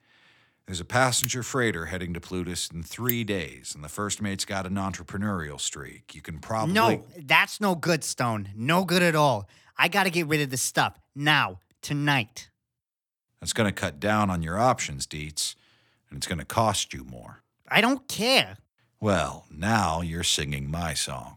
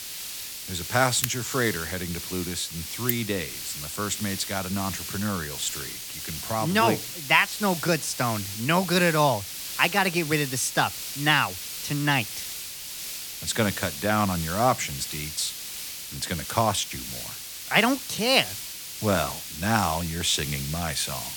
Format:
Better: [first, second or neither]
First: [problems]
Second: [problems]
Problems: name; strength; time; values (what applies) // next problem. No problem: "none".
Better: first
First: none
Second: hiss; loud; throughout; 7 dB below the speech